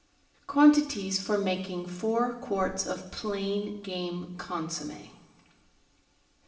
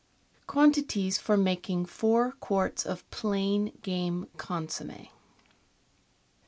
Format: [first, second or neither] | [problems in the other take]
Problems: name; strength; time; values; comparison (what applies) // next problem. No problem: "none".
second | room echo; dies away in 0.9 s